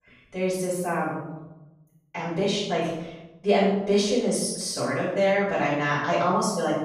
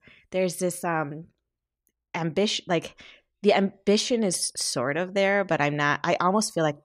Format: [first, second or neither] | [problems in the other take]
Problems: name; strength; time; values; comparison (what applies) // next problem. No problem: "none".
second | room echo; noticeable; dies away in 0.8 s // off-mic speech; far